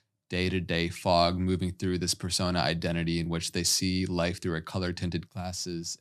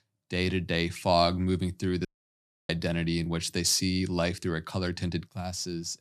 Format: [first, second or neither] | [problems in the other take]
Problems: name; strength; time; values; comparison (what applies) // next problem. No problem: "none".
first | audio cutting out; at 2 s for 0.5 s